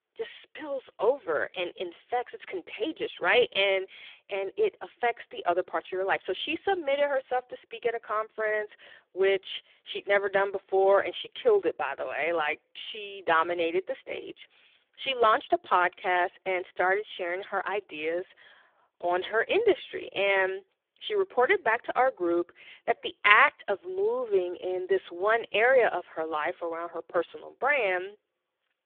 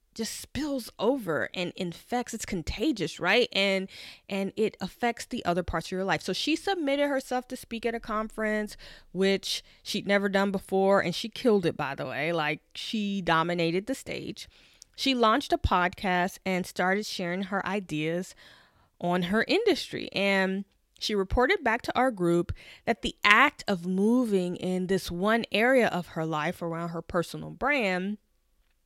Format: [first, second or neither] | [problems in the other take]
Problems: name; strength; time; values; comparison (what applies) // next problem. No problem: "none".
second | phone-call audio; poor line; nothing above 3.5 kHz